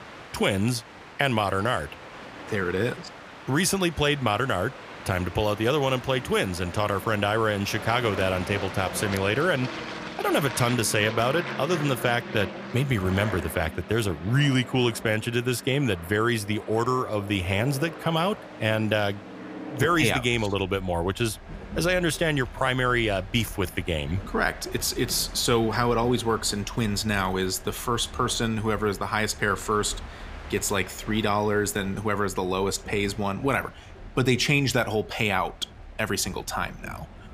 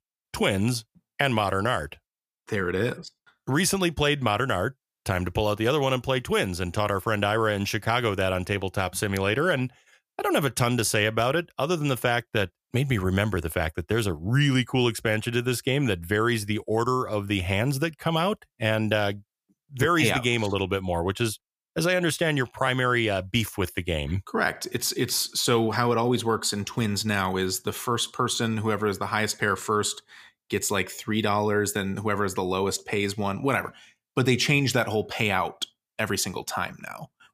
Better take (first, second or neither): second